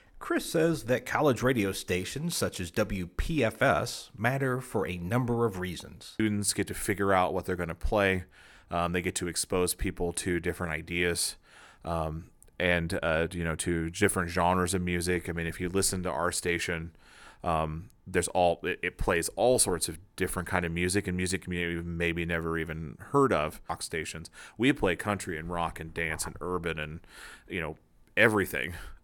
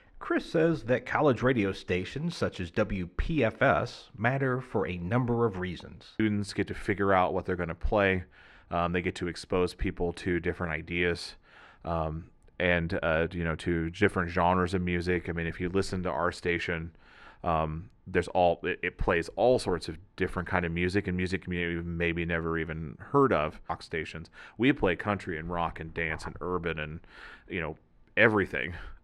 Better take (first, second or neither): first